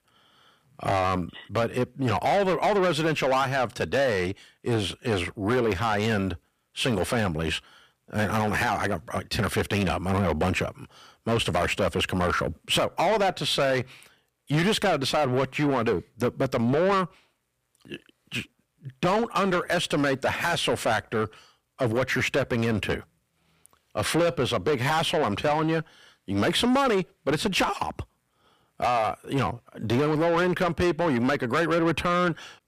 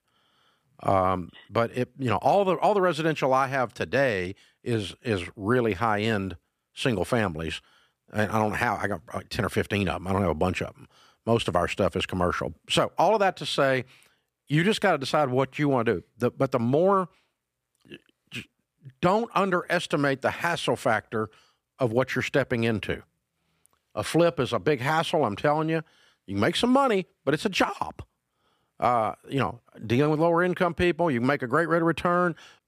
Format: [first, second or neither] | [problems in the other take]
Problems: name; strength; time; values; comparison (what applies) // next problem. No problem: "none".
second | distortion; heavy; 7 dB below the speech